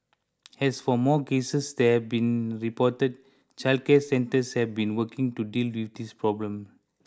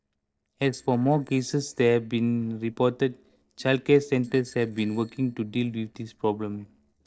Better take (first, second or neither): first